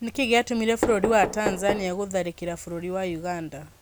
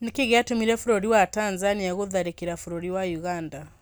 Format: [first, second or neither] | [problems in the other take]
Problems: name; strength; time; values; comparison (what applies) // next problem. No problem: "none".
second | background sound (Knock); 8 dB below the speech